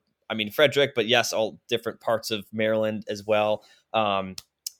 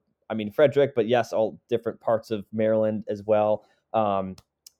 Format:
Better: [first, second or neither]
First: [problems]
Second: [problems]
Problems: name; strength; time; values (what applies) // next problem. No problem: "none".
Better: first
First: none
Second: muffled; very; fading above 1.5 kHz